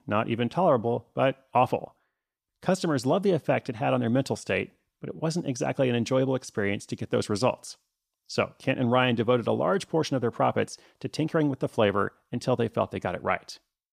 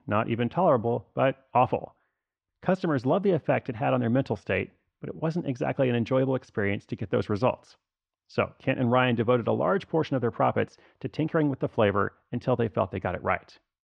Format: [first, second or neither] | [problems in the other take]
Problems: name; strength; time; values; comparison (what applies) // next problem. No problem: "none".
first | muffled; slightly; fading above 2 kHz